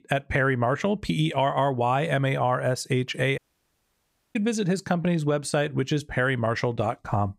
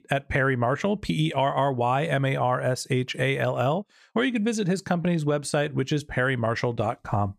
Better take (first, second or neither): second